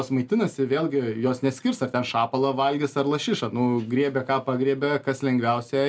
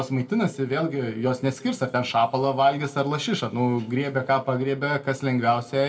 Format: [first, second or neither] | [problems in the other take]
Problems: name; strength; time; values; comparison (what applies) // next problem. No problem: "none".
first | room echo; dies away in 1.8 s